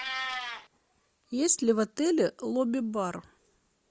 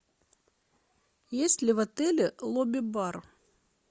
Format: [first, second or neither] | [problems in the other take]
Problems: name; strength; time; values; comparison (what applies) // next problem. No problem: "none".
second | background sound (Meow); 12 dB below the speech